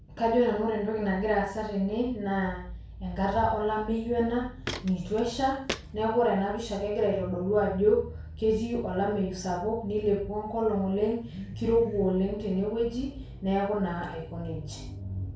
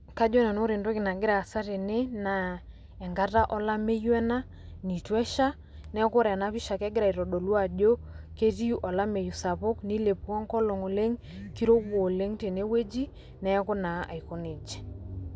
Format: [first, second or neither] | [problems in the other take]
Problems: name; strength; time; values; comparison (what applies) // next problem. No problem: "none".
second | background sound (Walk, footsteps); 12 dB below the speech // room echo; dies away in 0.4 s